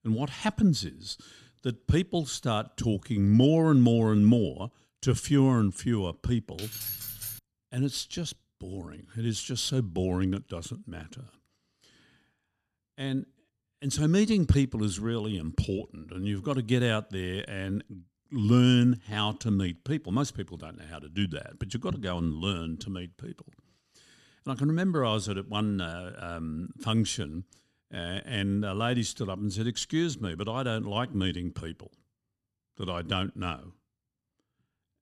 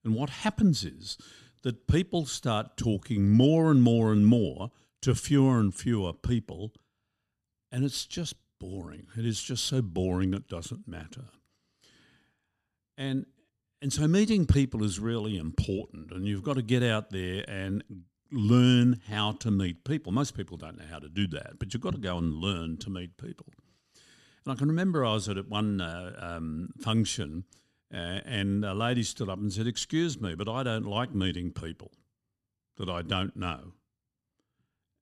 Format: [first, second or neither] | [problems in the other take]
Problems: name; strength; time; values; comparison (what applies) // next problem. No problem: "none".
second | jangling keys; noticeable; at 6.5 s; peak 5 dB below the speech